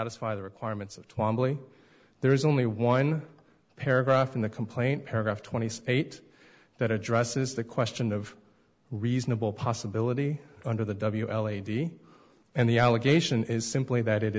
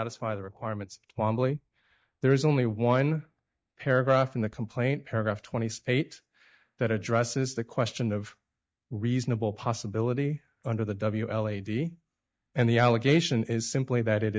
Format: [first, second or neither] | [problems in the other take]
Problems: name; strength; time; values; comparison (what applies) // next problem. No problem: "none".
first | noise reduction (neural mask model DeepFilterNet 3)